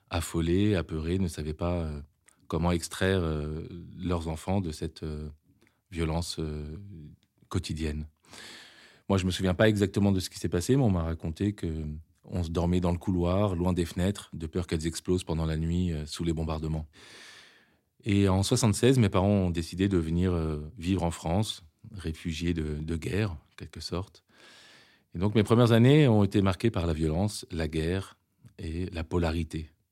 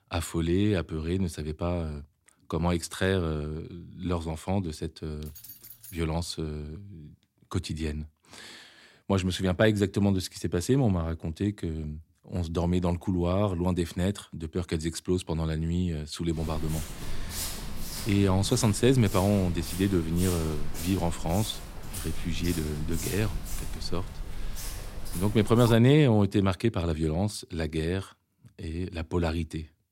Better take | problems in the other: first | jangling keys; faint; at 5 s; peak 15 dB below the speech // footsteps; noticeable; from 16 to 26 s; peak 5 dB below the speech

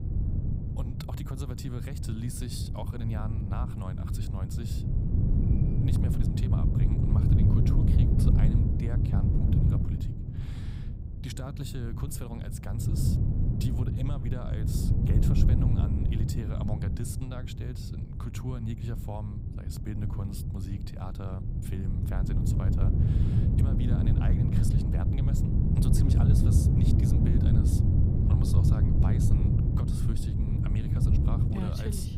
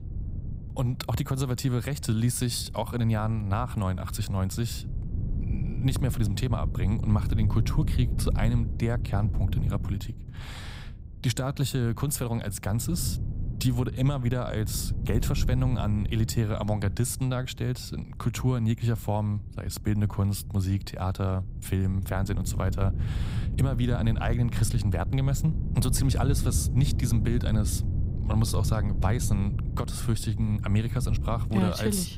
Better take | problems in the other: second | wind noise on the microphone; heavy; 5 dB above the speech; occasional gusts in the second

